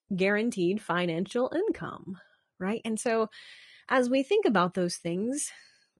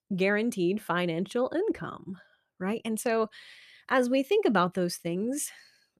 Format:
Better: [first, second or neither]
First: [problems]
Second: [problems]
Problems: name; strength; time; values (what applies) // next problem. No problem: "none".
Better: second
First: garbled, watery; slightly; nothing above 10.5 kHz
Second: none